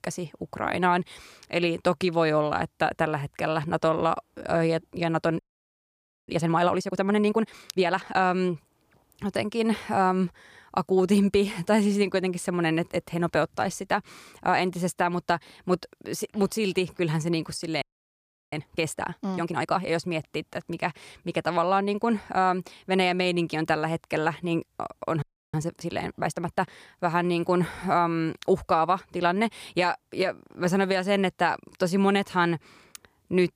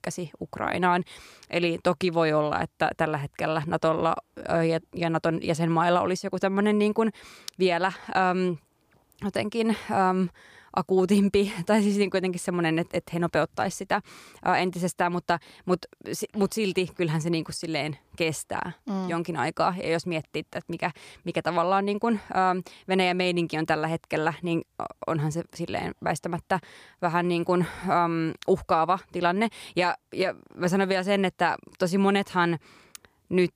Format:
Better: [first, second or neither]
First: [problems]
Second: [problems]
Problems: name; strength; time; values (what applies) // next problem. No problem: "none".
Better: second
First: audio freezing; at 5.5 s for 1 s, at 18 s for 0.5 s and at 25 s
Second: none